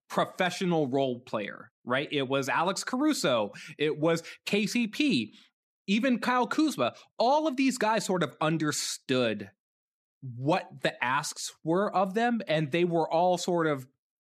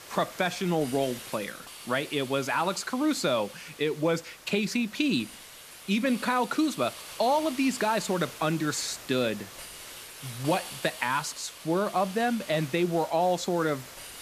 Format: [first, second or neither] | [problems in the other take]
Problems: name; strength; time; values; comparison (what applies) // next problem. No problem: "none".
first | hiss; noticeable; throughout; 15 dB below the speech